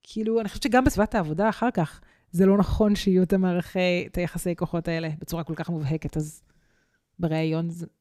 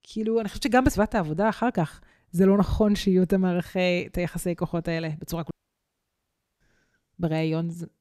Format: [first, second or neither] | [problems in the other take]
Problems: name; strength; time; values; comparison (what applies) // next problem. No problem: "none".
first | audio cutting out; at 5.5 s for 1 s